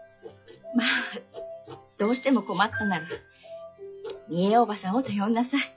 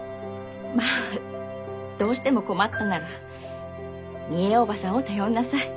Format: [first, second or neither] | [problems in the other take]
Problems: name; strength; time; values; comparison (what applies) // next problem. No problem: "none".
second | noise reduction (classical method log-MMSE)